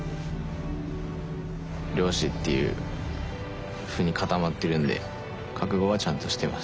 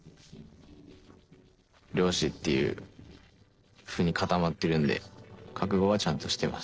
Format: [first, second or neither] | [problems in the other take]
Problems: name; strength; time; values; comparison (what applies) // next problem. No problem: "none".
first | noise reduction (neural separator model SepFormer DNS4)